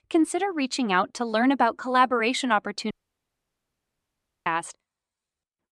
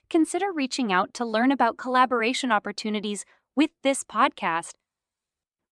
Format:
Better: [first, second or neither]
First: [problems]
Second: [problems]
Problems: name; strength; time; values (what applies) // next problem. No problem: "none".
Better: second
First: audio cutting out; at 3 s for 1.5 s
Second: none